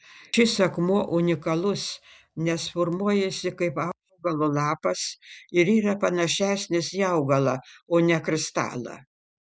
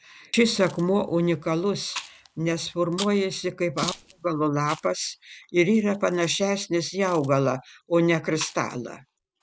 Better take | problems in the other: first | background sound (Chewing, mastication); 18 dB below the speech

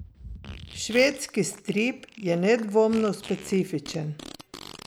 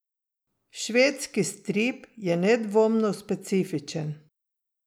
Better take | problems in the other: second | background sound (Fart); 17 dB below the speech

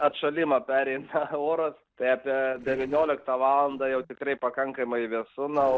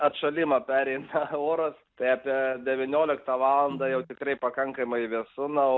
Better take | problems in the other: second | noise reduction (neural separator model SepFormer DNS4)

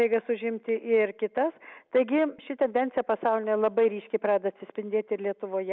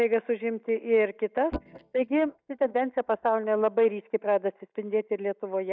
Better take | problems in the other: first | noise reduction (neural mask model DeepFilterNet 3)

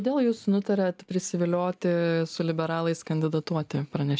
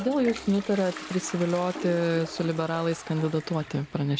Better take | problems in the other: first | background sound (Toilet flush); 13 dB below the speech

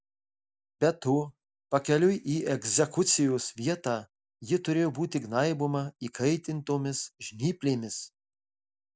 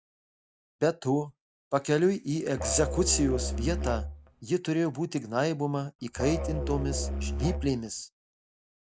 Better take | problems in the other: first | background sound (Musical instrument); 3 dB below the speech

